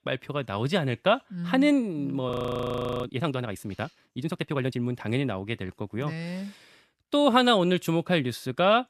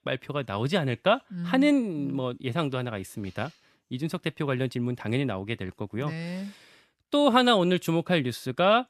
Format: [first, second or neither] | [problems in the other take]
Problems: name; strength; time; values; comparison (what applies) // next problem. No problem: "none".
second | audio freezing; at 2.5 s for 0.5 s